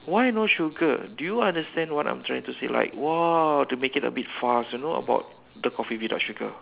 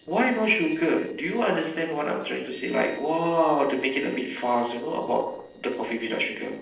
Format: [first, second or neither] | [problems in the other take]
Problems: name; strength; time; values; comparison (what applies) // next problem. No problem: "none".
first | noise reduction (neural separator model SepFormer DNS4)